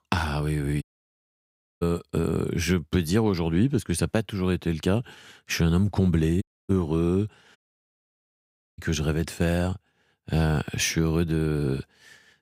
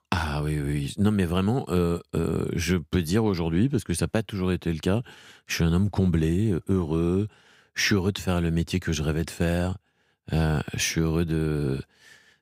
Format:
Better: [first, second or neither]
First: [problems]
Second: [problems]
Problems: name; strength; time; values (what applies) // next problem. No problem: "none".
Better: second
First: audio cutting out; at 1 s for 1 s, at 6.5 s and at 7.5 s for 1 s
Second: none